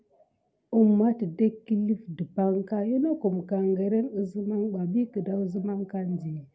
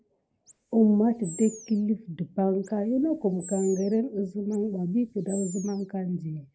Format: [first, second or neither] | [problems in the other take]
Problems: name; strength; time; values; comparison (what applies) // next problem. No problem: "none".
first | noise reduction (neural mask model Resemble Enhance denoiser)